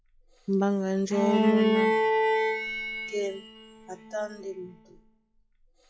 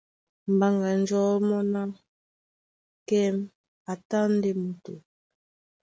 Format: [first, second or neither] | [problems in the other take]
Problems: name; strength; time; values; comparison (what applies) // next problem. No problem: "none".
second | noise reduction (classical method log-MMSE)